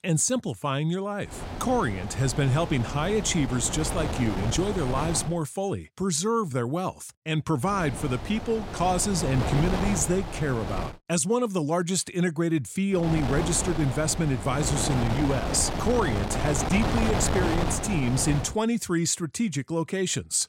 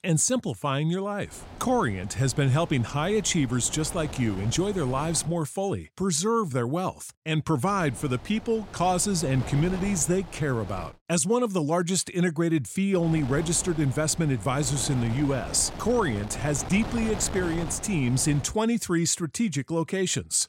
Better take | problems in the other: second | wind noise on the microphone; heavy; from 1.5 to 5.5 s, from 7.5 to 11 s and from 13 to 18 s; 4 dB below the speech; occasional gusts in the second

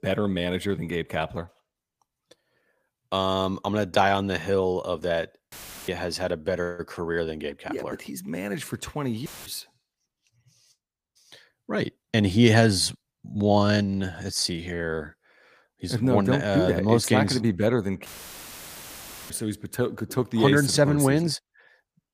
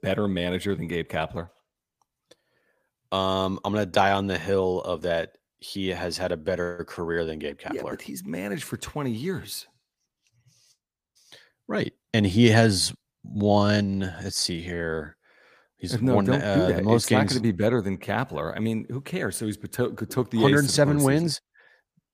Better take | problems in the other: second | audio cutting out; filled with static; at 5.5 s, at 9.5 s and at 18 s for 1 s

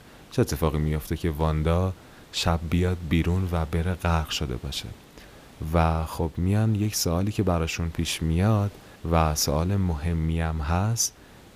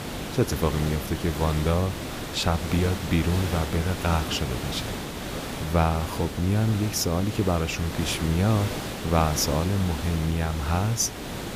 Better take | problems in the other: first | hiss; loud; throughout; 7 dB below the speech; faint in the first

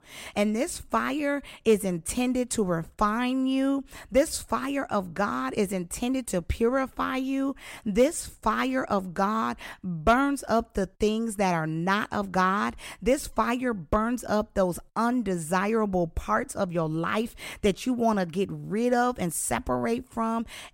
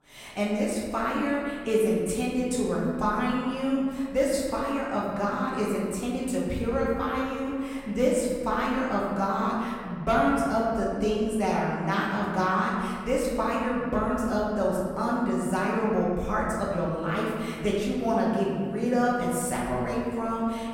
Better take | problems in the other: first | off-mic speech; far // room echo; noticeable; dies away in 1.9 s

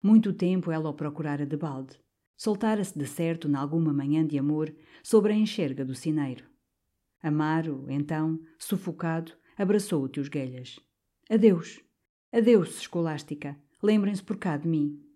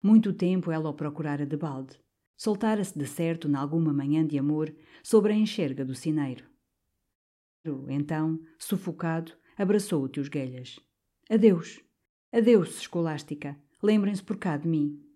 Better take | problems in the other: first | audio cutting out; at 7 s

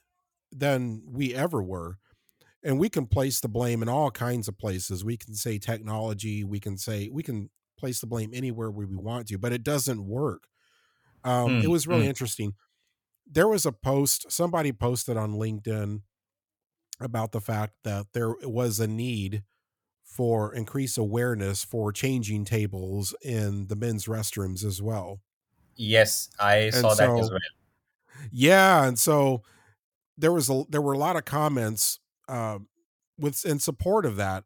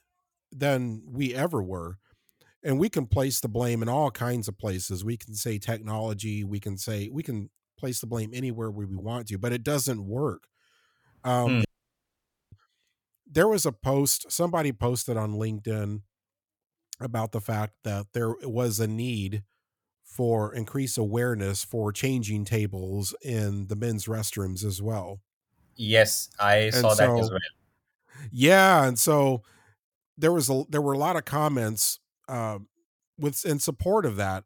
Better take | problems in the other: first | audio cutting out; at 12 s for 1 s

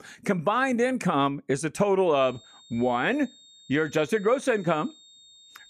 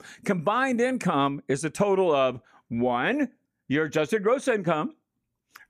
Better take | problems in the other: second | high-pitched whine; faint; from 2 s on; 3.5 kHz, 25 dB below the speech

